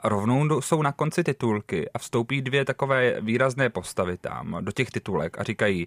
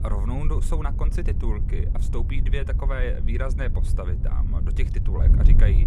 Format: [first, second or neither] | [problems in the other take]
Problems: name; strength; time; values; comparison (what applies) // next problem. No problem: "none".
first | wind noise on the microphone; heavy; 6 dB below the speech